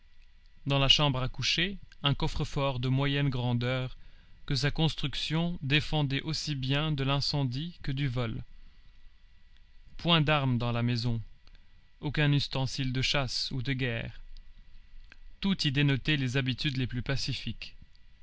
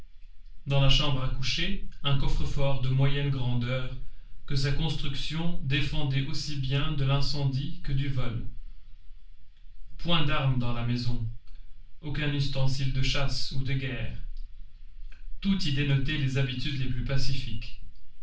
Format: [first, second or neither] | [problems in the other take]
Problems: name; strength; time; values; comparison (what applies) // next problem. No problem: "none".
first | room echo; dies away in 0.3 s